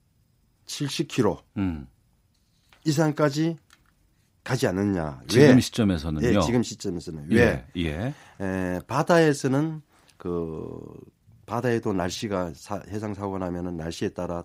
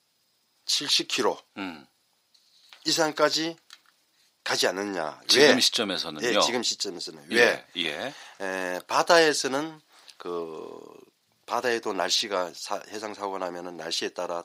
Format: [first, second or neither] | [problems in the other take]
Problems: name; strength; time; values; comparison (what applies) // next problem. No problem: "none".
first | thin; somewhat; fading below 500 Hz